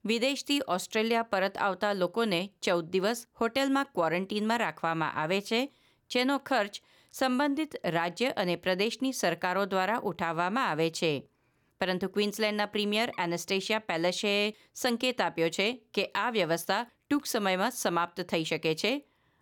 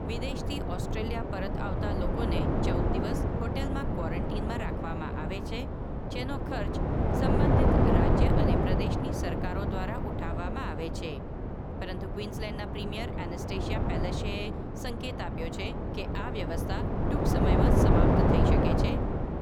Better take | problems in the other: first | wind noise on the microphone; heavy; 5 dB above the speech

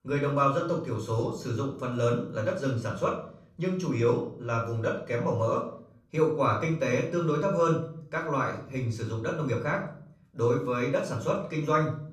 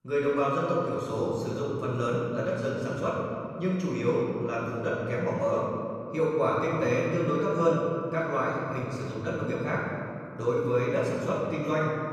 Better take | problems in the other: first | room echo; strong; dies away in 2.4 s; slight in the first // off-mic speech; far; far in the first

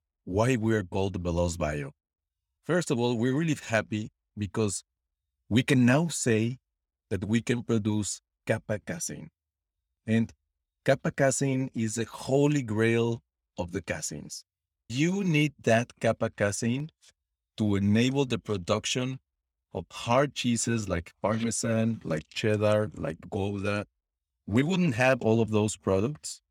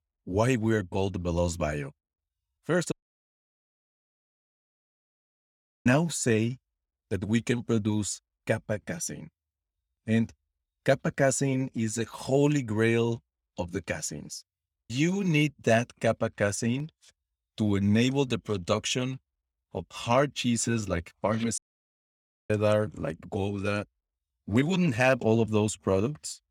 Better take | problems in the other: first | audio cutting out; at 3 s for 3 s and at 22 s for 1 s

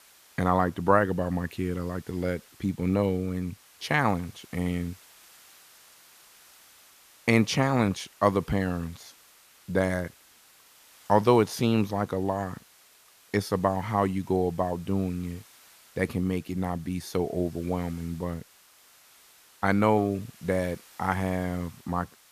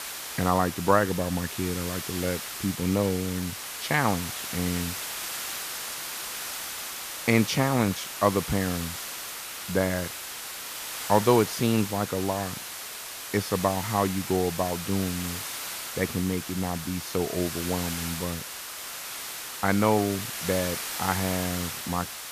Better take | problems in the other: first | hiss; loud; throughout; 6 dB below the speech; faint in the first

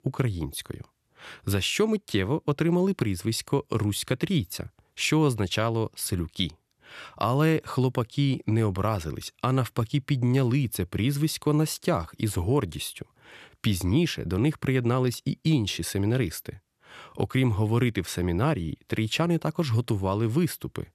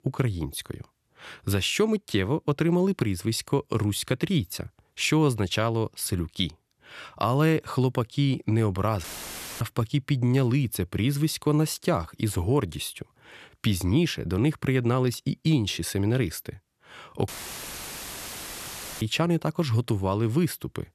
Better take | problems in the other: first | audio cutting out; filled with static; at 9 s for 0.5 s and at 17 s for 1.5 s

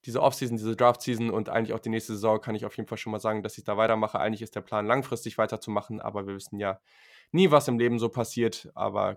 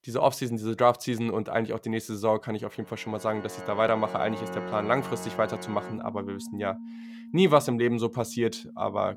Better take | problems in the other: first | background music; noticeable; from 3 s on; 10 dB below the speech

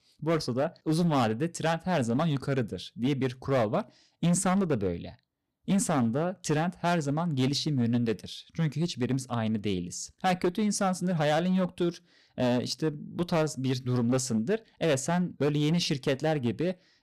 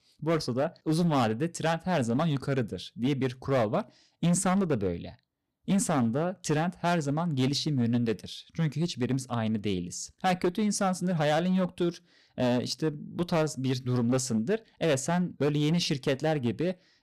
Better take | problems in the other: neither | distortion; slight; 8% of the sound clipped; the same in both

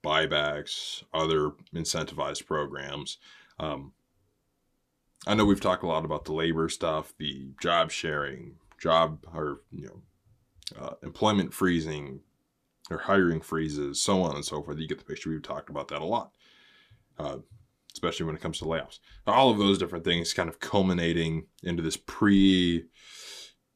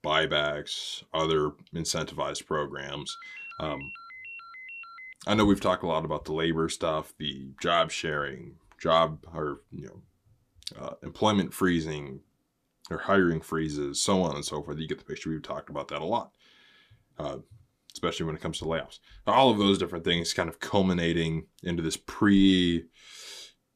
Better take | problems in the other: first | phone ringing; faint; from 3 to 5 s; peak 15 dB below the speech

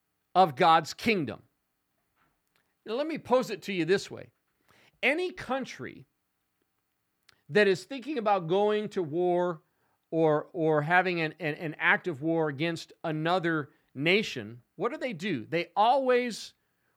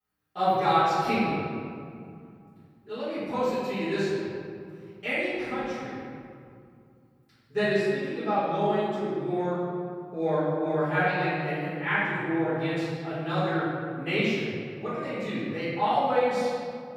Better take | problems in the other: first | off-mic speech; far // room echo; strong; dies away in 2.5 s

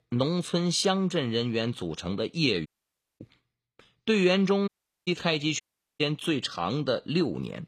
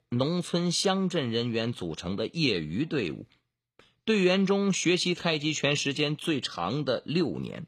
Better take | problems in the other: second | audio cutting out; at 2.5 s for 0.5 s, at 4.5 s and at 5.5 s

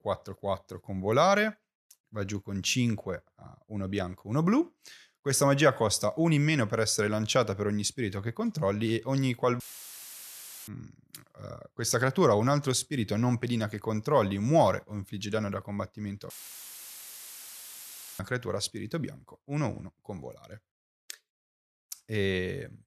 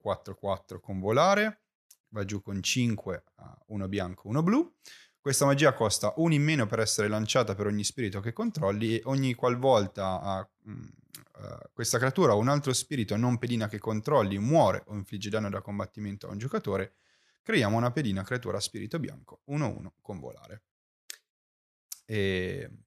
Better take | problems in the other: second | audio cutting out; filled with static; at 9.5 s for 1 s and at 16 s for 2 s

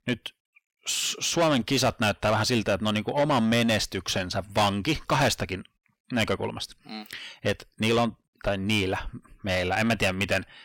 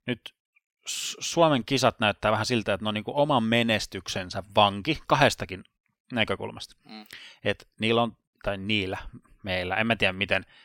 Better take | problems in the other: second | distortion; heavy; 7 dB below the speech

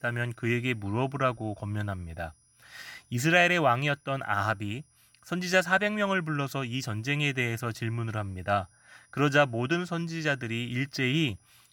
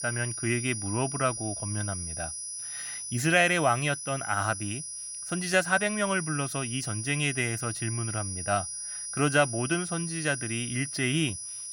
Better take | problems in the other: first | high-pitched whine; loud; throughout; 9.5 kHz, 6 dB below the speech; faint in the first

